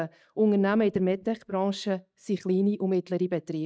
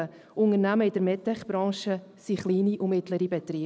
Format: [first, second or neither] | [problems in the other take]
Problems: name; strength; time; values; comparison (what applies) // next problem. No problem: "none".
second | noise reduction (neural mask model DeepFilterNet 3)